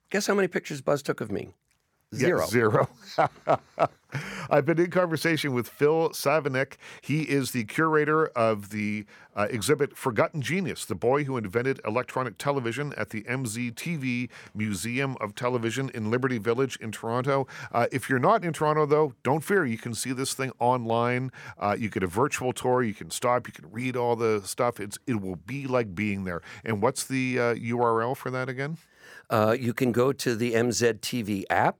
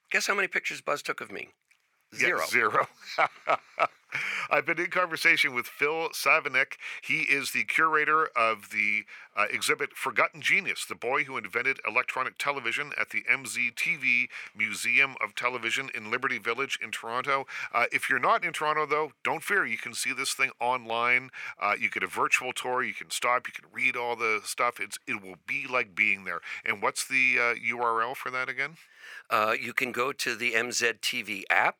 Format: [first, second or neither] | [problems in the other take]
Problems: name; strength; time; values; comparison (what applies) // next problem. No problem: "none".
first | thin; somewhat; fading below 900 Hz